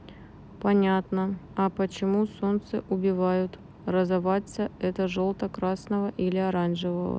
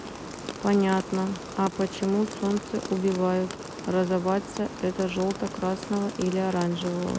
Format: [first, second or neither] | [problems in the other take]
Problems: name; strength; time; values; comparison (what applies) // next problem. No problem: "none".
first | background sound (Rain); 11 dB below the speech